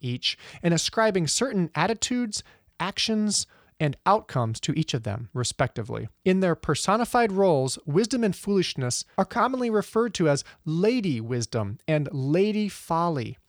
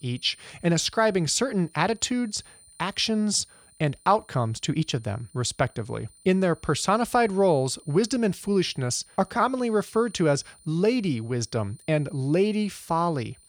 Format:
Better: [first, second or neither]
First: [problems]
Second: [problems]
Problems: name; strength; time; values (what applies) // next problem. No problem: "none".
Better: first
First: none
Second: high-pitched whine; faint; throughout; 9 kHz, 25 dB below the speech